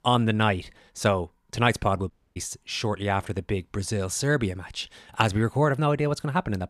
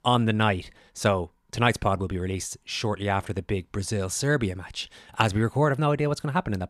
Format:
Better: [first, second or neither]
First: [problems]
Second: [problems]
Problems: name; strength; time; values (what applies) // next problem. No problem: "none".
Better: second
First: audio cutting out; at 2 s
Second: none